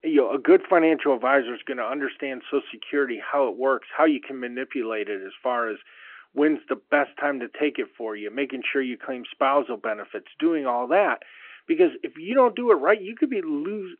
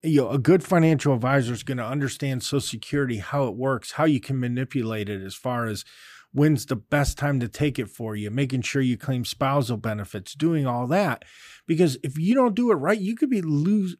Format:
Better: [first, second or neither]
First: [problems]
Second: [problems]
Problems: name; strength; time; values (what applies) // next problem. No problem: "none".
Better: second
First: phone-call audio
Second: none